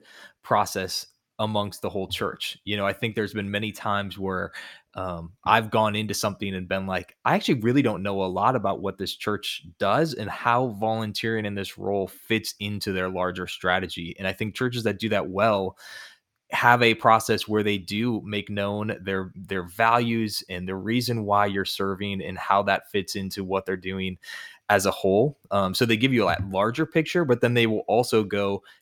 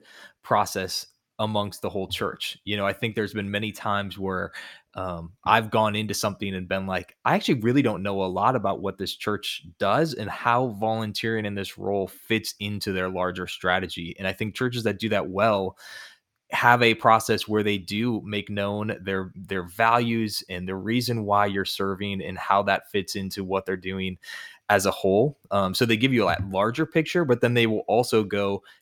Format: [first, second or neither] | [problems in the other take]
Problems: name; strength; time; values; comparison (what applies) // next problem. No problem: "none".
neither | none